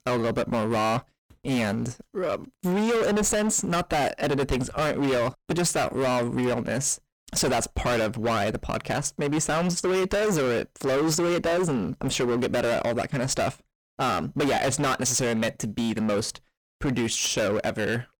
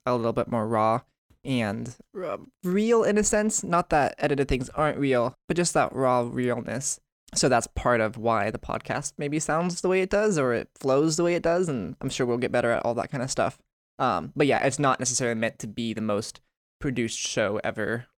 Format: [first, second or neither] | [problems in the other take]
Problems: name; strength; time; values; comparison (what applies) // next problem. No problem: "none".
second | distortion; heavy; 25% of the sound clipped